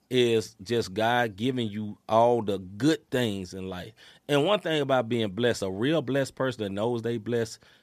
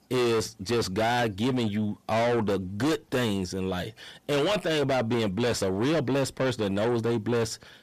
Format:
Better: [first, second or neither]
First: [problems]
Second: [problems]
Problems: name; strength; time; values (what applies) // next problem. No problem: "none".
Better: first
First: none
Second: distortion; heavy; 5 dB below the speech